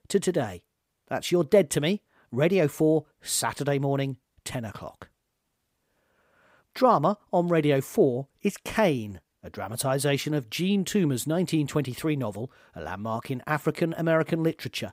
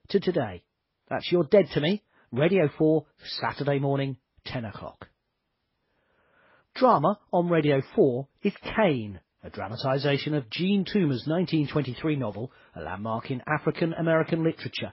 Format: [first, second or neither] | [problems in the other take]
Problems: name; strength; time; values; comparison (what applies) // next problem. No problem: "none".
first | garbled, watery; badly; nothing above 5.5 kHz